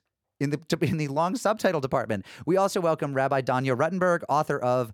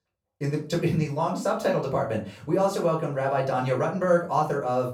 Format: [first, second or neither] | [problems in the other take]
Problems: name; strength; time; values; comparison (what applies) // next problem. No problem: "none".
first | off-mic speech; far // room echo; slight; dies away in 0.3 s